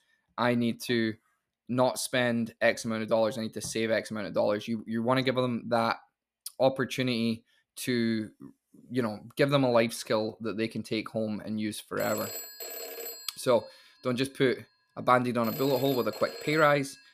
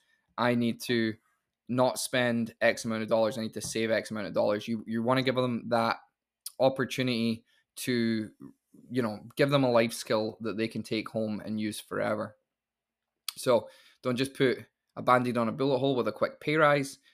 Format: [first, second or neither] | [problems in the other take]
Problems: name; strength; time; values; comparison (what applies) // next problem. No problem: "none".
second | phone ringing; noticeable; from 12 s on; peak 7 dB below the speech